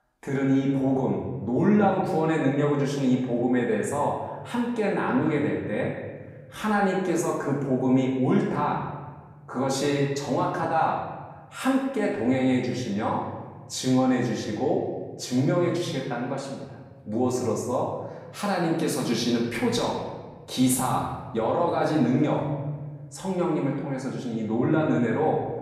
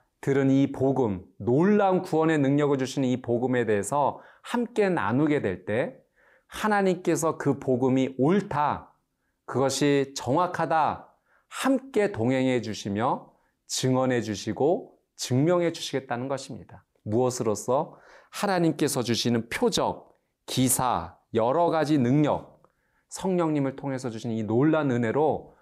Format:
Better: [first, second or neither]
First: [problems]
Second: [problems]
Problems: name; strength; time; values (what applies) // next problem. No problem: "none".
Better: second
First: off-mic speech; far // room echo; noticeable; dies away in 1.2 s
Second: none